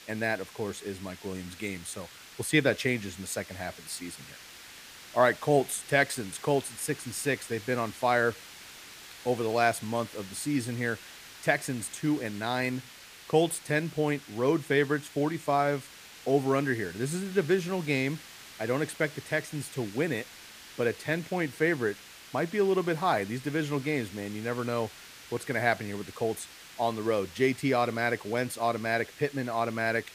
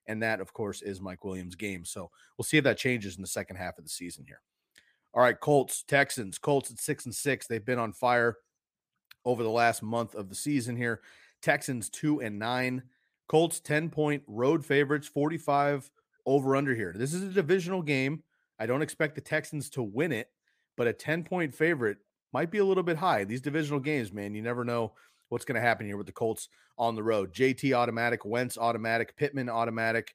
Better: second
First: hiss; noticeable; throughout; 15 dB below the speech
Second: none

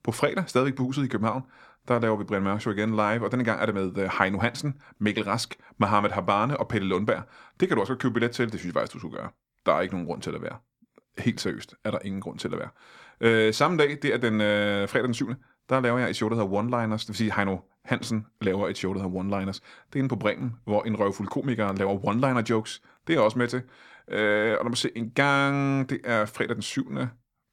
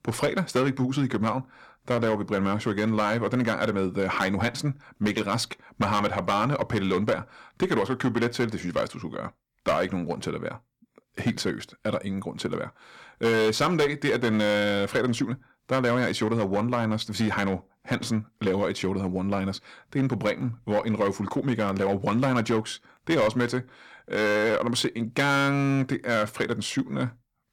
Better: first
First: none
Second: distortion; slight; 5% of the sound clipped

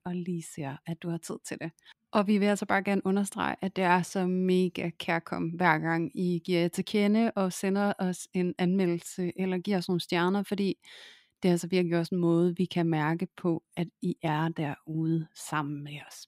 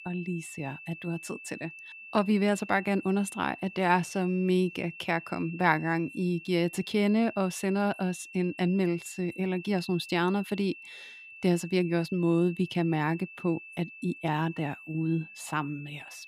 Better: first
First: none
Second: high-pitched whine; noticeable; throughout; 2.5 kHz, 15 dB below the speech

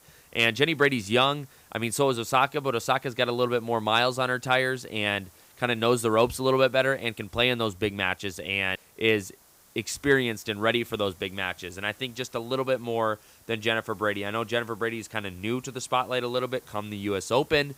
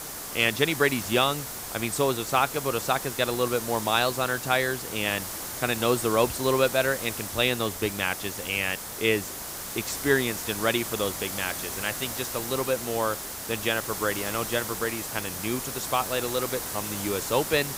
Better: first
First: hiss; faint; throughout; 30 dB below the speech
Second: hiss; loud; throughout; 6 dB below the speech

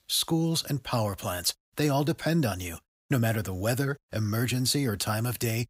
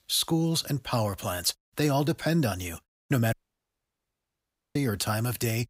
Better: first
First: none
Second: audio cutting out; at 3.5 s for 1.5 s

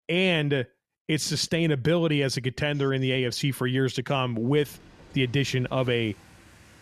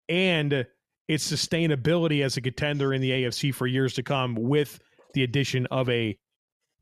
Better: second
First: rain or running water; faint; from 4.5 s on; 25 dB below the speech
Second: none

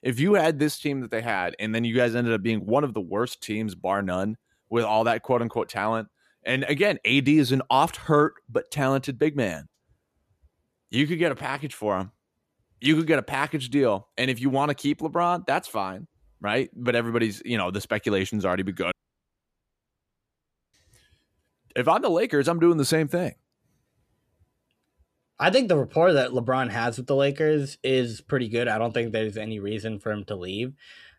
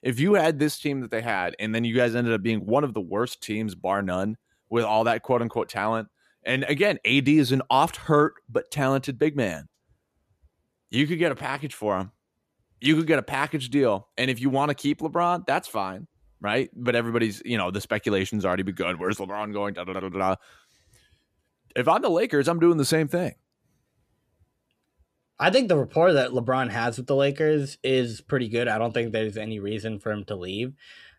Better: second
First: audio cutting out; at 19 s for 2 s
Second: none

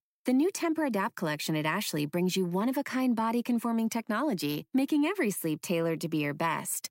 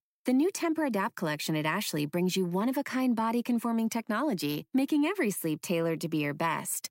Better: neither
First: none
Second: none

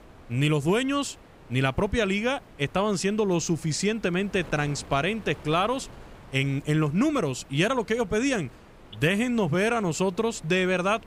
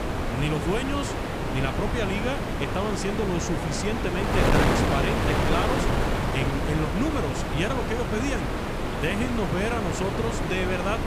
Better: first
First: wind noise on the microphone; occasional gusts; 25 dB below the speech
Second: wind noise on the microphone; heavy; 2 dB above the speech

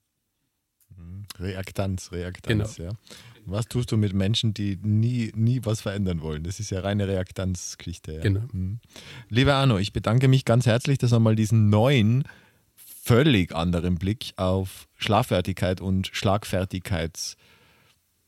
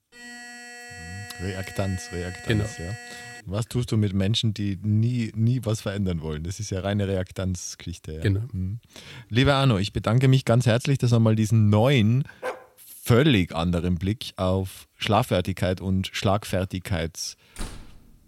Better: first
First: none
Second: alarm; faint; until 3.5 s; peak 15 dB below the speech // dog barking; faint; at 12 s; peak 10 dB below the speech // door banging; faint; at 18 s; peak 15 dB below the speech

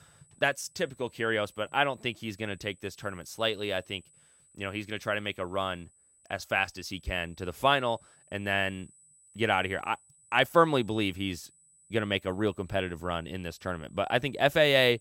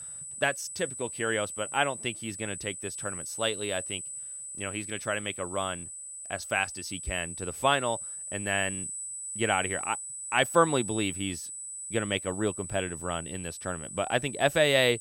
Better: first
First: high-pitched whine; faint; throughout; 8 kHz, 30 dB below the speech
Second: high-pitched whine; loud; throughout; 8 kHz, 6 dB below the speech

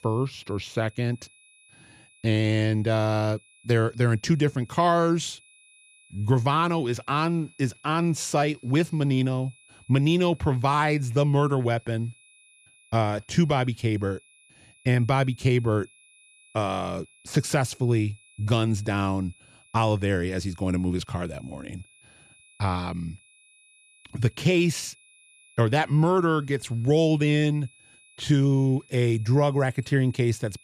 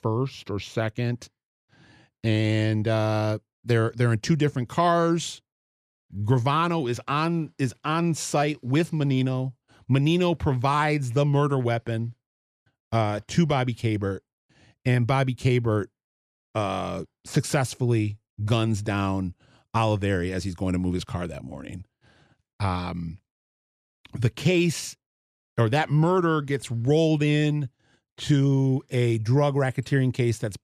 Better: second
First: high-pitched whine; faint; throughout; 2.5 kHz, 30 dB below the speech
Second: none

